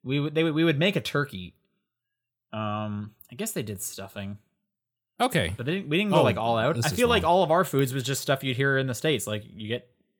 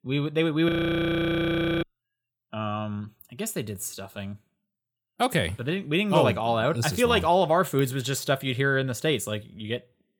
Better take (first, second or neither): first